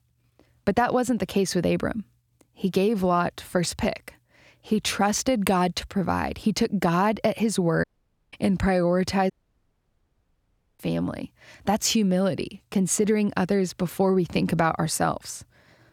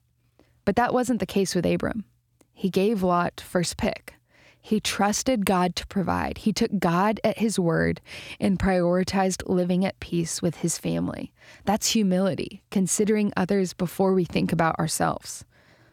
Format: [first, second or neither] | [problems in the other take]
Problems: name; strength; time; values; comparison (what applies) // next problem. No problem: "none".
second | audio cutting out; at 8 s and at 9.5 s for 1.5 s